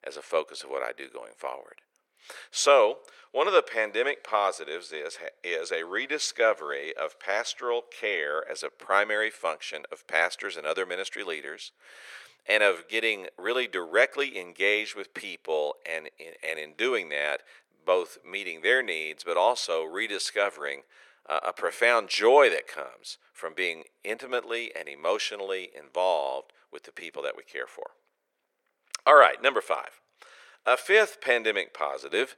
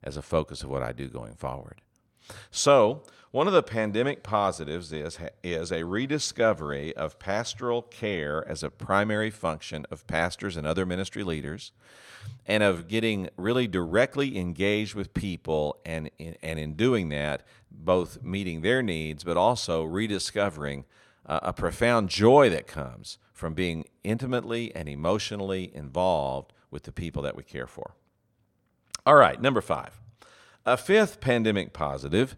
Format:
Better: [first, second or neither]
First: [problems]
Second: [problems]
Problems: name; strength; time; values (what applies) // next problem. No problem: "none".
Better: second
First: thin; very; fading below 400 Hz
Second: none